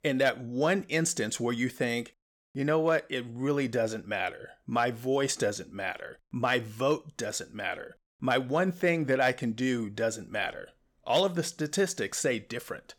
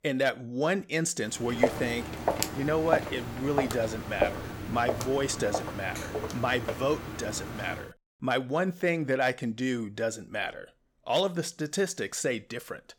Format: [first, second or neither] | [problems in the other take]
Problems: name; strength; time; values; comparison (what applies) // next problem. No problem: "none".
first | footsteps; loud; from 1.5 to 6.5 s; peak 2 dB above the speech